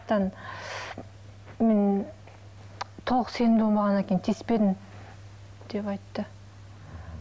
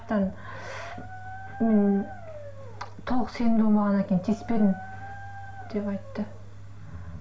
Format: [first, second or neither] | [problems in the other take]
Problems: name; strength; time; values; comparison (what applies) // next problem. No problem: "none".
first | background sound (Dog); 18 dB below the speech // room echo; dies away in 0.4 s